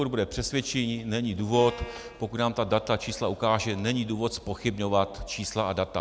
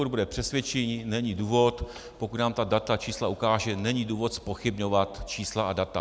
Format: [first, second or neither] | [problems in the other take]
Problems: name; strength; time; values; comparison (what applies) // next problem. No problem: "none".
second | background sound (Bowed string instrument); 19 dB below the speech